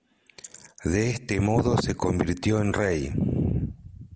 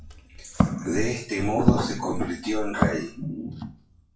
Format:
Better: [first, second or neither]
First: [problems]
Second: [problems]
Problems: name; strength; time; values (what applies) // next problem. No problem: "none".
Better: first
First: none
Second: noise reduction (classical method WPE with log-MMSE)